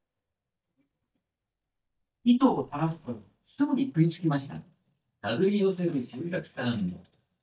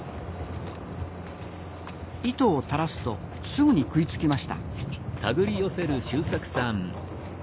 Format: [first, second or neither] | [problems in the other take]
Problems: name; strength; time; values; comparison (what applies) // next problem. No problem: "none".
second | noise reduction (neural mask model DeepFilterNet 3)